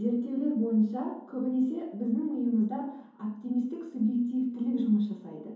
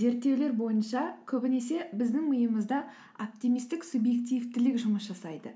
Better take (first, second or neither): second